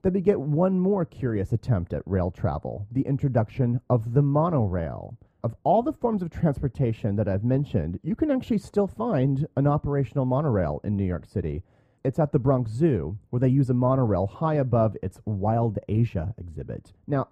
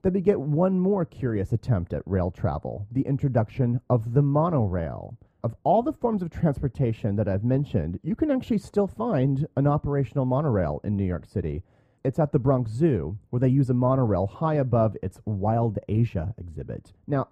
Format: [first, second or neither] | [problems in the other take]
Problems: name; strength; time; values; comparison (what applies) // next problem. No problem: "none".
neither | muffled; very; fading above 1.5 kHz; the same in both